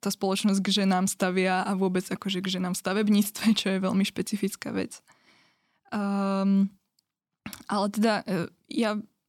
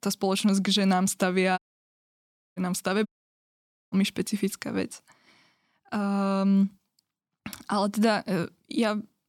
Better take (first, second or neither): first